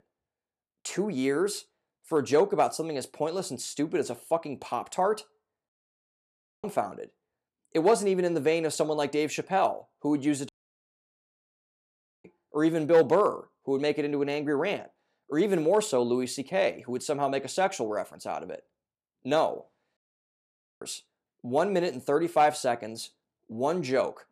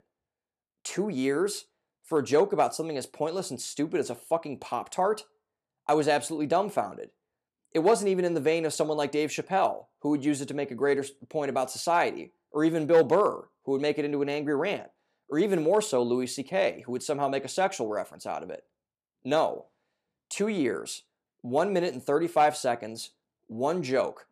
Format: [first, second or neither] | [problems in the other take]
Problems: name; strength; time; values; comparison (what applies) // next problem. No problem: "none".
second | audio cutting out; at 5.5 s for 1 s, at 10 s for 2 s and at 20 s for 1 s